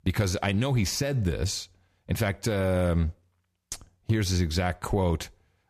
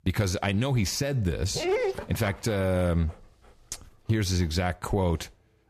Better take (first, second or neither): first